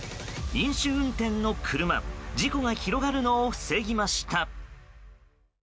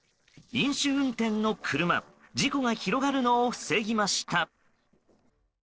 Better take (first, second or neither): first